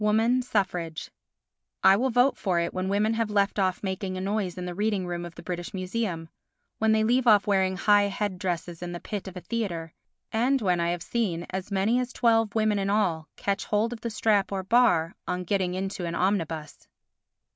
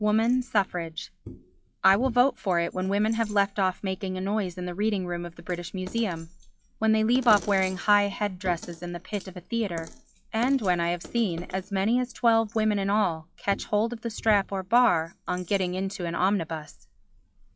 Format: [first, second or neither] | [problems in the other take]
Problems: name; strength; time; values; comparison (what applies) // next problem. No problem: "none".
first | noise reduction (classical method log-MMSE)